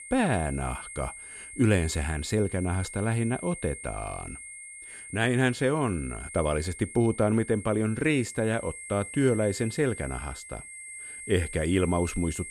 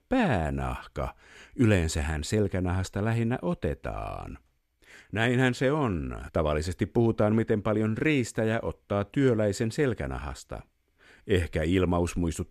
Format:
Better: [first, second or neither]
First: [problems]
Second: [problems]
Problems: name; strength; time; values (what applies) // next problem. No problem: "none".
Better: second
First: high-pitched whine; noticeable; throughout; 2 kHz, 10 dB below the speech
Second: none